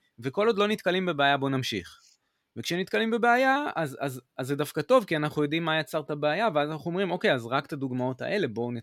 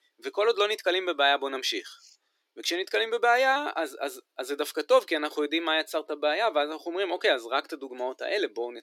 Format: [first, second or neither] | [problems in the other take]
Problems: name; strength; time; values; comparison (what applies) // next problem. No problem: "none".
first | thin; somewhat; fading below 300 Hz